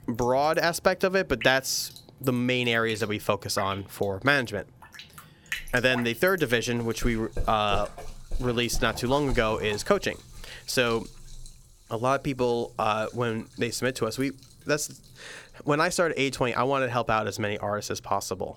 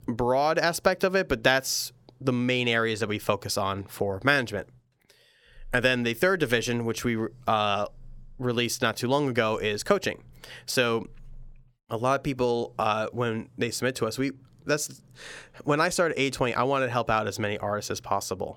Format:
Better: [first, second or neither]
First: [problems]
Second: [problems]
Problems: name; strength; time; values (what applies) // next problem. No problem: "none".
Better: second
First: rain or running water; noticeable; throughout; 15 dB below the speech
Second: none